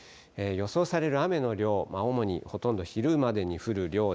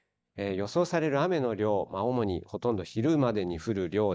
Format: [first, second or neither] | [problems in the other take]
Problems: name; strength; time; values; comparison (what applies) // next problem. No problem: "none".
first | noise reduction (neural mask model DeepFilterNet 3)